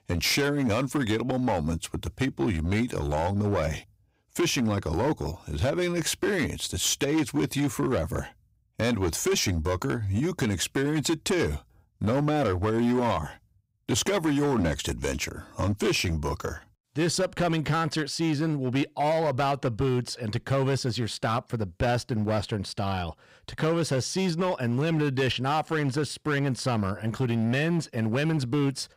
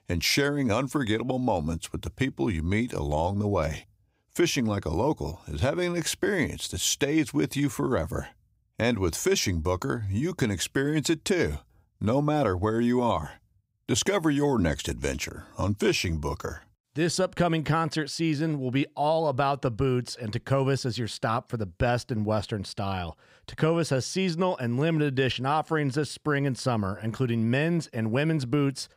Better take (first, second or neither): second